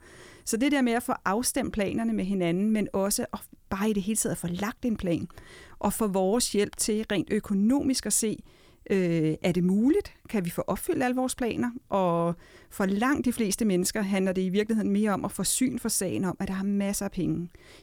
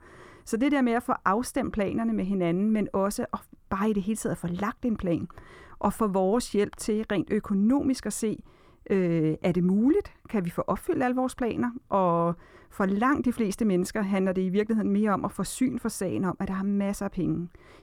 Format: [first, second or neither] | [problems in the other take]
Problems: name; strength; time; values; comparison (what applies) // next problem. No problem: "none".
first | muffled; slightly; fading above 2.5 kHz